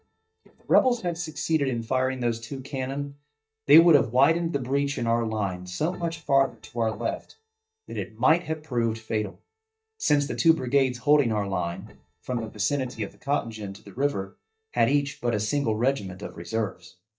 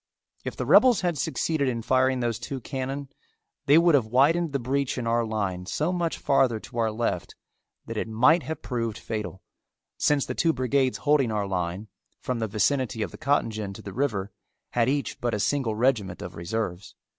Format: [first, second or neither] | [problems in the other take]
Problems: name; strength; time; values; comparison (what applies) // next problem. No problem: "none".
second | noise reduction (neural mask model DeepFilterNet 3)